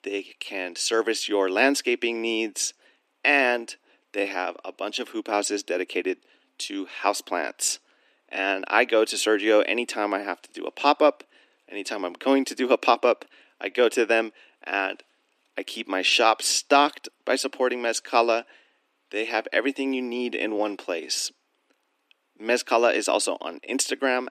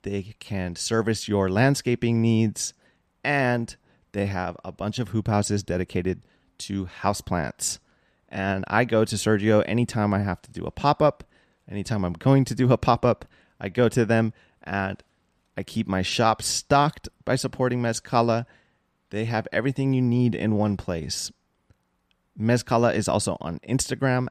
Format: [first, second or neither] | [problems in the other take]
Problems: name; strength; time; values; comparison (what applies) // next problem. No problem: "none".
second | thin; somewhat; fading below 300 Hz